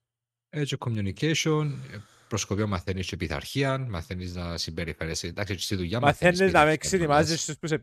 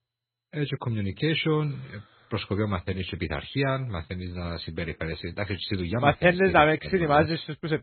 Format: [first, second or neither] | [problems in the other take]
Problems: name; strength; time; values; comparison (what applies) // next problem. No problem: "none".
first | garbled, watery; badly; nothing above 4 kHz